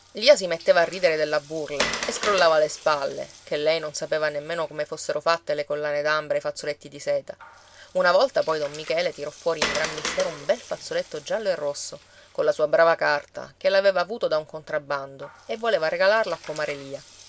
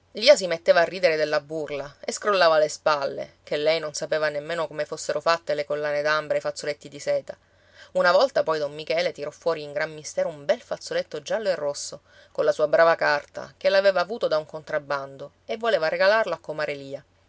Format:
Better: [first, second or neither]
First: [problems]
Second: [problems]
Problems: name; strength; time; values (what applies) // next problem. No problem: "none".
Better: second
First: background sound (Water); 14 dB below the speech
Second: none